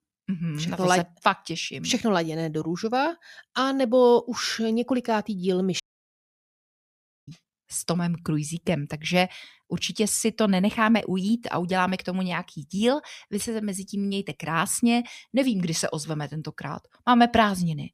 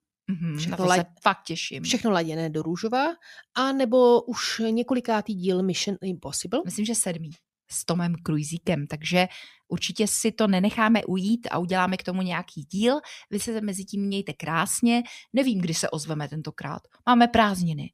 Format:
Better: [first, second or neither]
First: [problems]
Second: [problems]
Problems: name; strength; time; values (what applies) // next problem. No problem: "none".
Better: second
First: audio cutting out; at 6 s for 1.5 s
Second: none